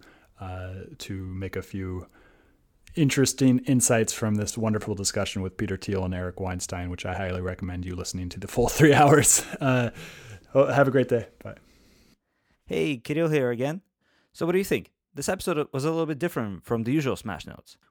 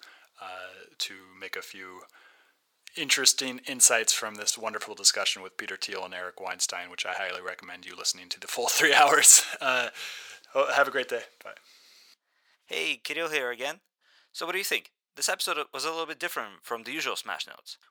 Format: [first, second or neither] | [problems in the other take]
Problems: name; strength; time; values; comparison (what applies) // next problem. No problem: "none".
first | thin; very; fading below 900 Hz